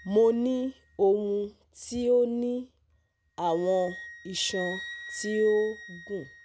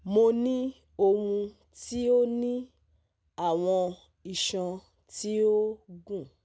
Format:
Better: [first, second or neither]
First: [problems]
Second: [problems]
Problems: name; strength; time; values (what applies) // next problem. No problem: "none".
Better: second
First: background sound (Wind instrument, woodwind instrument); 16 dB below the speech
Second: none